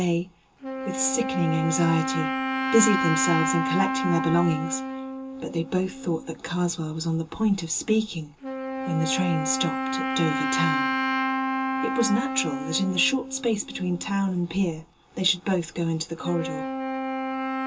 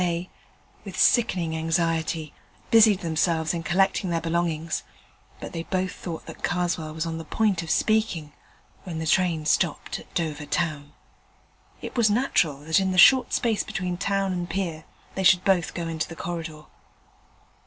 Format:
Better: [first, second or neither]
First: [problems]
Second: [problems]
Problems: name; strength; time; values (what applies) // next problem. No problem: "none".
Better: second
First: background sound (Wind instrument, woodwind instrument); 3 dB below the speech // room echo; dies away in 0.2 s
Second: none